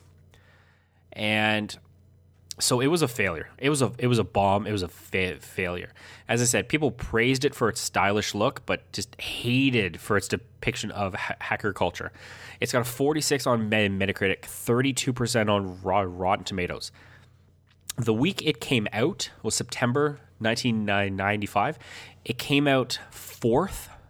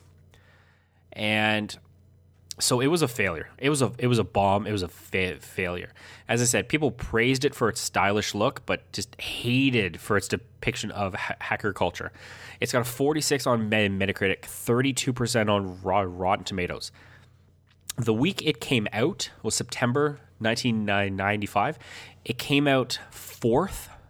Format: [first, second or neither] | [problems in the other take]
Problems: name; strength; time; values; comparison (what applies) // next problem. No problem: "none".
neither | none